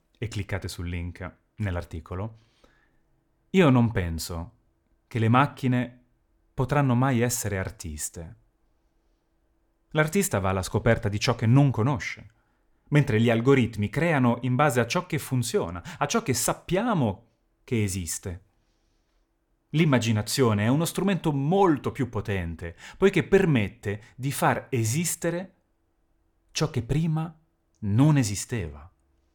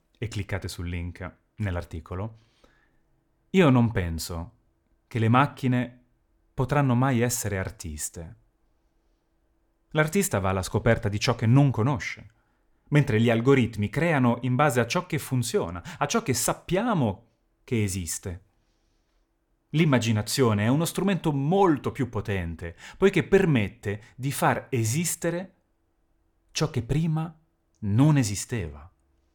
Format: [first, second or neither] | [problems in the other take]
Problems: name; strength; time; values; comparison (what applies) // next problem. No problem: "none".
neither | none